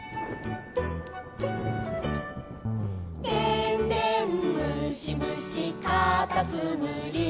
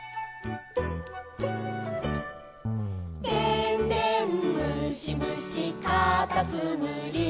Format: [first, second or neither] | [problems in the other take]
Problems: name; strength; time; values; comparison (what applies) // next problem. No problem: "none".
second | background sound (Thunder); 14 dB below the speech